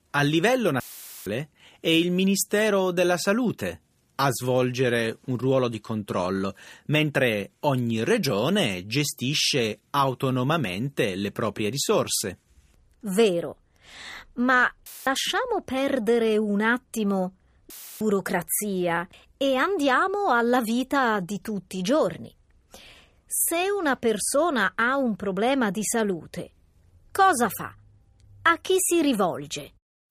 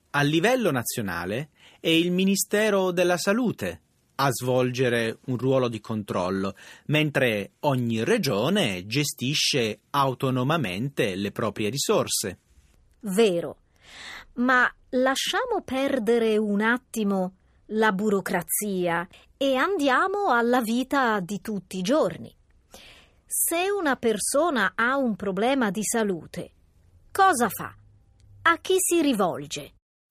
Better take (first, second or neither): second